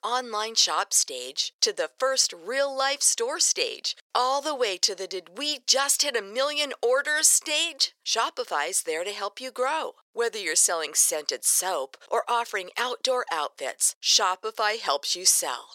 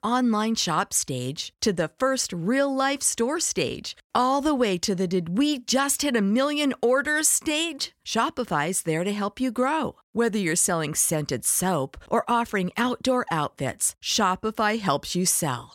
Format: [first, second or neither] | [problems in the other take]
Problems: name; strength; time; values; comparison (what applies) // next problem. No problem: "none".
second | thin; very; fading below 450 Hz